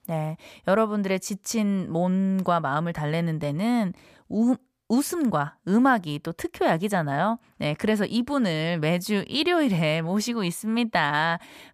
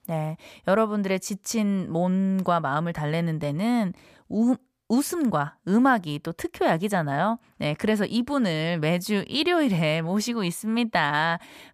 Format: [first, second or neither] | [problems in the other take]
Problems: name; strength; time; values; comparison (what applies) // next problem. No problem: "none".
neither | none